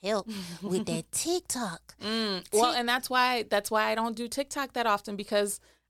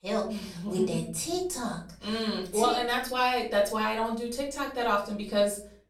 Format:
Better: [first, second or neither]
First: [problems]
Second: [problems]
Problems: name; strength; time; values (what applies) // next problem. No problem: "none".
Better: first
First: none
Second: off-mic speech; far // room echo; slight; dies away in 0.5 s